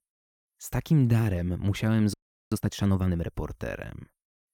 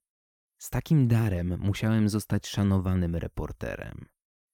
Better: second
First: audio freezing; at 2 s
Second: none

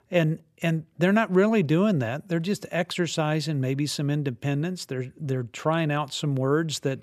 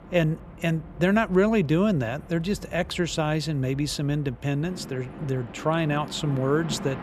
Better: first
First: none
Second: train or aircraft noise; noticeable; throughout; 15 dB below the speech

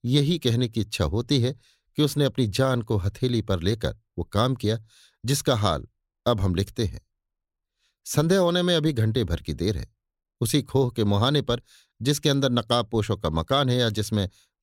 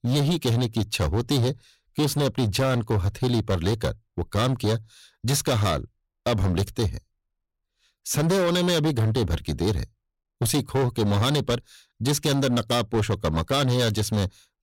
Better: first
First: none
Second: distortion; heavy; 18% of the sound clipped

